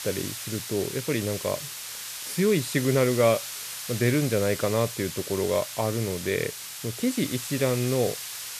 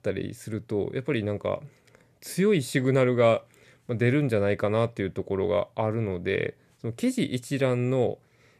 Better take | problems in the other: second | hiss; loud; throughout; 7 dB below the speech

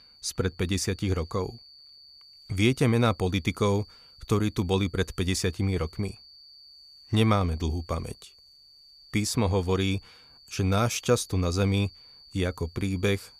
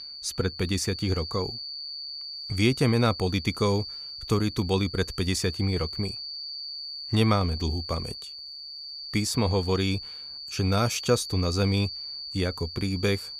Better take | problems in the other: first | high-pitched whine; loud; throughout; 4.5 kHz, 8 dB below the speech; faint in the first

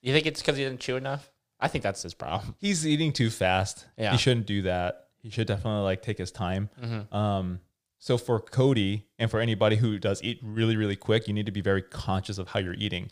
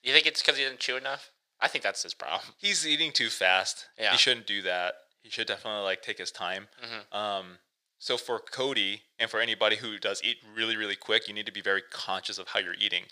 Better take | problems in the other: first | thin; very; fading below 500 Hz

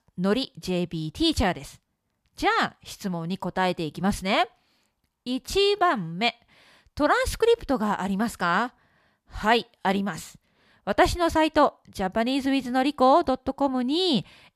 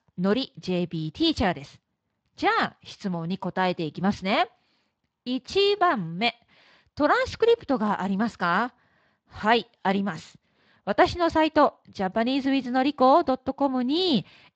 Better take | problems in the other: first | garbled, watery; slightly; nothing above 8 kHz

